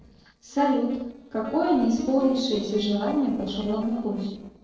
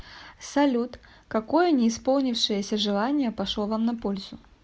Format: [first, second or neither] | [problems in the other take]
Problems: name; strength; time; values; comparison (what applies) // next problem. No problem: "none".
second | noise reduction (neural separator model SepFormer DNS4)